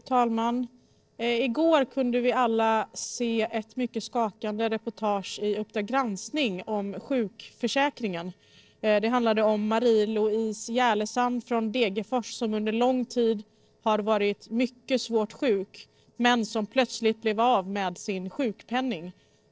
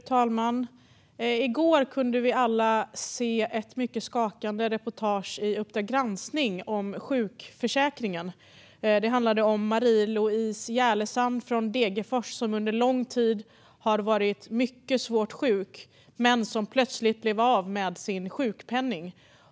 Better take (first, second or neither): second